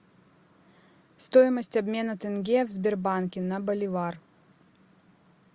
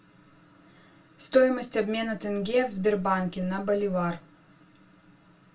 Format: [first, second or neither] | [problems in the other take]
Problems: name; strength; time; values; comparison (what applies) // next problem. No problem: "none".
first | room echo; dies away in 0.2 s